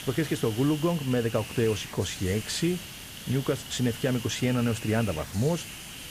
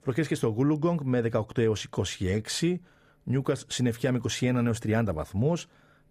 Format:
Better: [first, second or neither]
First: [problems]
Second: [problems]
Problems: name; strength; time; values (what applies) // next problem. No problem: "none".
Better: second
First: hiss; noticeable; throughout; 10 dB below the speech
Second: none